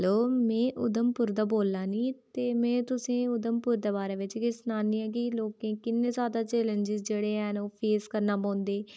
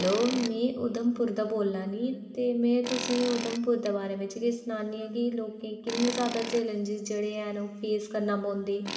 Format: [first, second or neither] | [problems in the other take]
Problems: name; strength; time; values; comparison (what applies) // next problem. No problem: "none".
first | background sound (Tools); 12 dB below the speech // room echo; dies away in 2.5 s